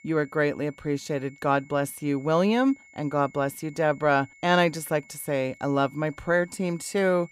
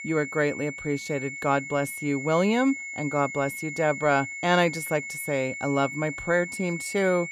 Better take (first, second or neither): first